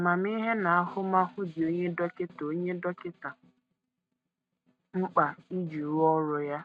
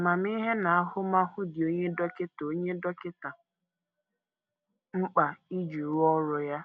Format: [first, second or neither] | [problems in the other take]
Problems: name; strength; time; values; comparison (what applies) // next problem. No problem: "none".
second | noise reduction (neural mask model RNNoise)